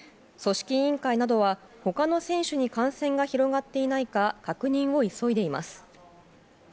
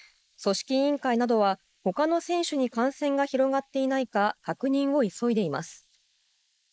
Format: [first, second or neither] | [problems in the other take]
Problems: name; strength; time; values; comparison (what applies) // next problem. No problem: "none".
first | noise reduction (neural mask model Resemble Enhance denoiser)